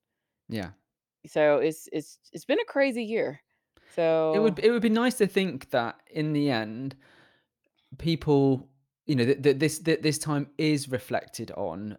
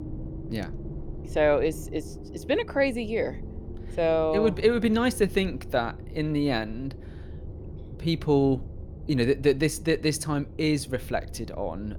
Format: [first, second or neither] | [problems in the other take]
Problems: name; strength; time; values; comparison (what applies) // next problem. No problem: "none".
first | low rumble; faint; throughout; 20 dB below the speech